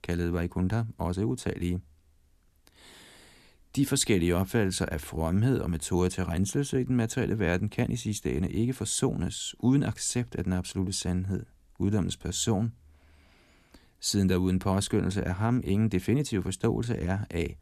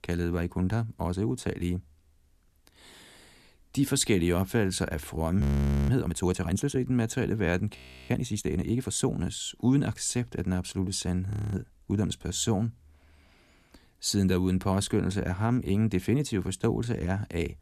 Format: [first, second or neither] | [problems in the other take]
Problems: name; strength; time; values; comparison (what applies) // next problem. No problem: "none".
first | audio freezing; at 5.5 s, at 8 s and at 11 s